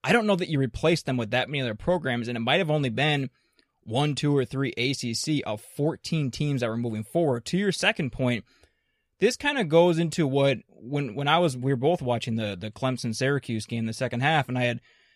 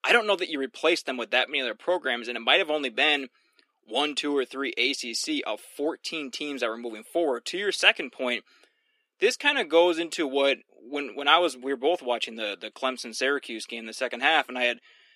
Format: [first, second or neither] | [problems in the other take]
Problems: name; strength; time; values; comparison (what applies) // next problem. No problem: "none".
first | thin; somewhat; fading below 300 Hz